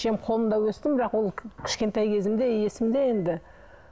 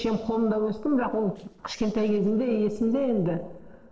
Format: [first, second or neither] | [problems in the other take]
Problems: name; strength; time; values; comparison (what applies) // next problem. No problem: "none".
first | noise reduction (neural separator model SepFormer DNS4)